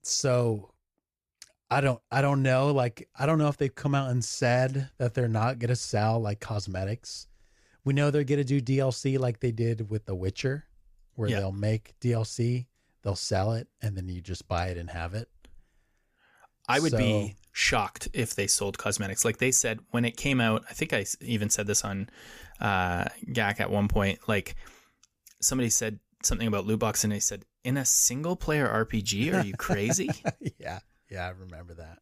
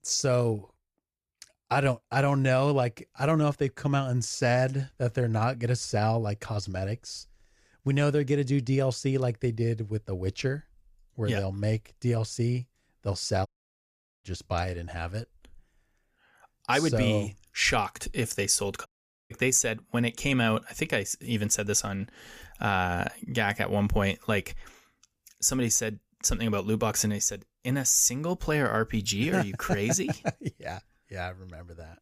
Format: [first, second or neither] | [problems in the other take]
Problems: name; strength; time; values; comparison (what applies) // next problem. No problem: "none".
first | audio cutting out; at 13 s for 1 s and at 19 s